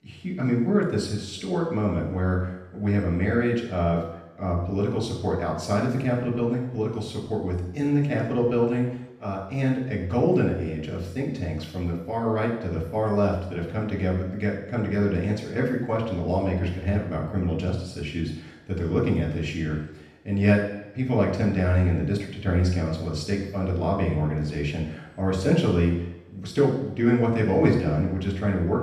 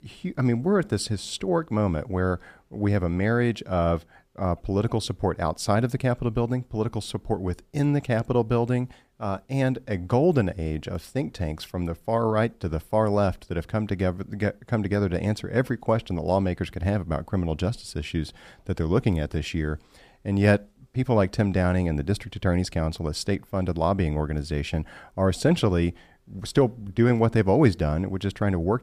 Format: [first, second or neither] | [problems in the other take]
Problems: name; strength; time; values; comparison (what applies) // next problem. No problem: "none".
second | room echo; noticeable; dies away in 0.8 s // off-mic speech; far